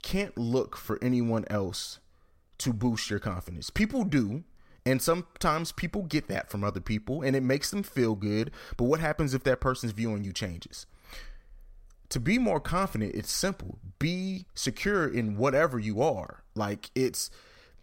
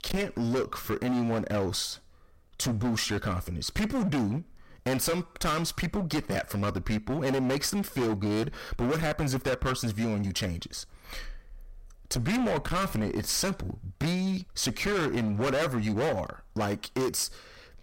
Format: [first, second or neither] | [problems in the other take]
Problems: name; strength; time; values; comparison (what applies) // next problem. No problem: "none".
first | distortion; heavy; 21% of the sound clipped